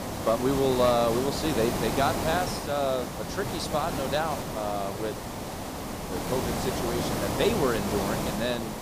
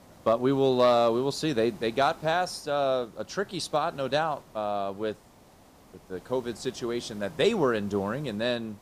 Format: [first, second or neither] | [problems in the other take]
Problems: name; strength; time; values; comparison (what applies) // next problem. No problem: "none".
second | hiss; loud; throughout; 3 dB below the speech; faint in the second